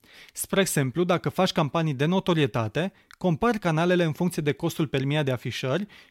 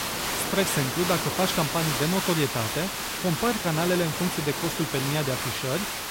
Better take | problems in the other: first | hiss; loud; throughout; 1 dB below the speech

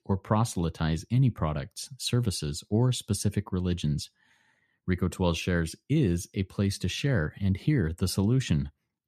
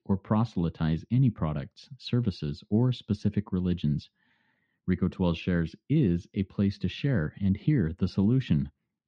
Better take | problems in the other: first | muffled; slightly; fading above 4 kHz

